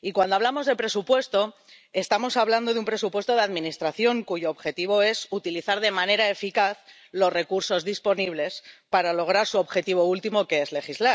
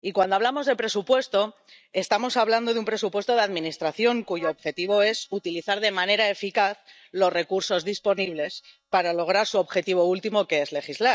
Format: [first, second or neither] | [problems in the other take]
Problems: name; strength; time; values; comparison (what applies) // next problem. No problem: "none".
first | noise reduction (neural mask model DeepFilterNet 3)